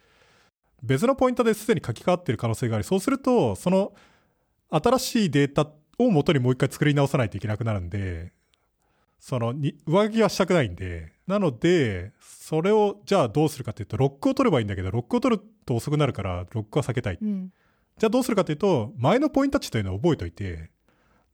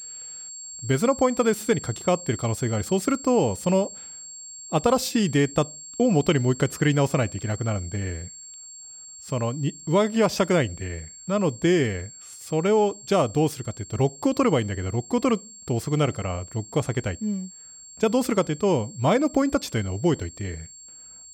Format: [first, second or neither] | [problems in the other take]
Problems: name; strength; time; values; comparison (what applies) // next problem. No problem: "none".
first | high-pitched whine; noticeable; throughout; 7.5 kHz, 15 dB below the speech